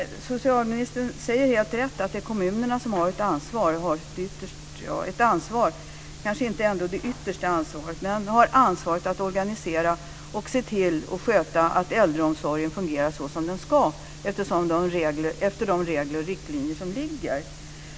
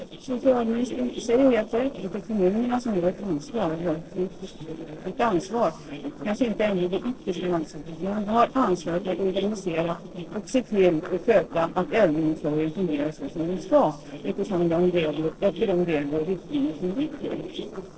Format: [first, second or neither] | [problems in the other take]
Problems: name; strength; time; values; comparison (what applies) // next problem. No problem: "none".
first | noise reduction (neural separator model SepFormer DNS4)